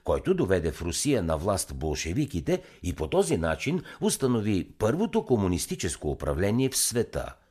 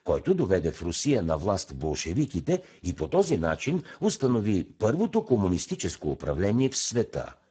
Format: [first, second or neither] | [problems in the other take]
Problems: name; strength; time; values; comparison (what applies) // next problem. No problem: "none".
first | garbled, watery; badly; nothing above 7.5 kHz